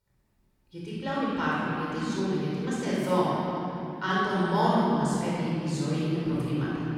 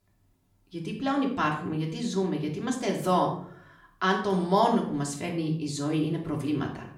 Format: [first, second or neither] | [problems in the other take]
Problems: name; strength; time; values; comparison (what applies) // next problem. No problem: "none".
second | room echo; strong; dies away in 3 s; slight in the second // off-mic speech; far; far in the second